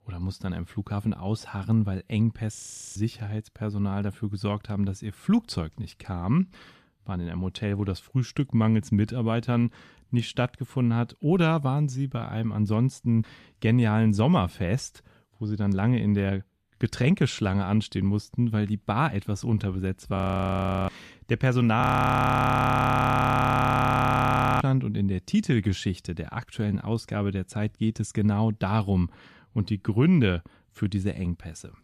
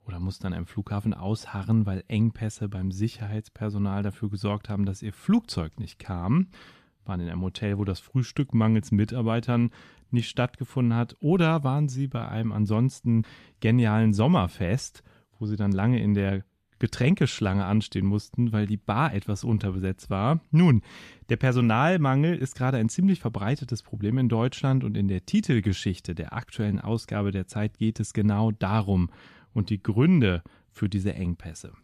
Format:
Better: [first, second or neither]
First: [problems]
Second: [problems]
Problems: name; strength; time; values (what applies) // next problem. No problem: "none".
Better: second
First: audio freezing; at 2.5 s, at 20 s for 0.5 s and at 22 s for 3 s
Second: none